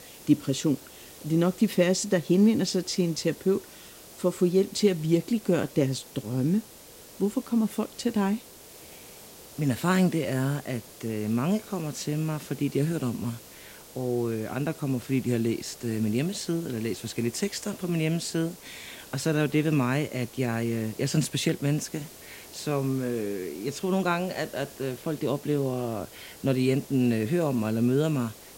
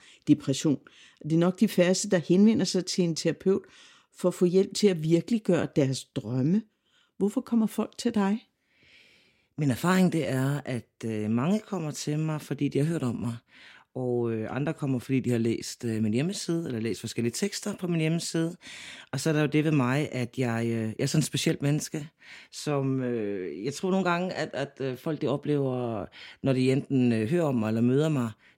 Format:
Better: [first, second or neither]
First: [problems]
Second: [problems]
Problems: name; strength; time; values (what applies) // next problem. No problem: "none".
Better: second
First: hiss; noticeable; throughout; 20 dB below the speech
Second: none